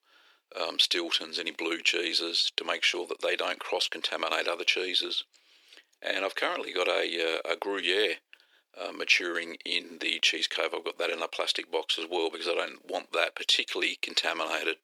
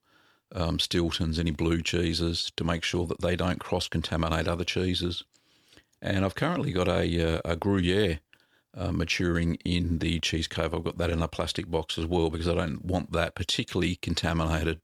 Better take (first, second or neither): second